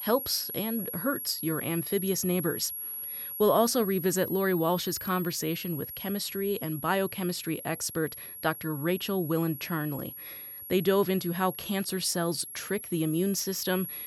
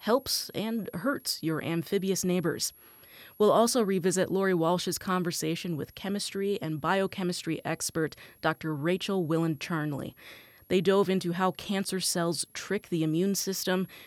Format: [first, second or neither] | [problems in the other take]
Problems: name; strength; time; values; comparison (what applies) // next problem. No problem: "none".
second | high-pitched whine; loud; throughout; 11.5 kHz, 8 dB below the speech; faint in the second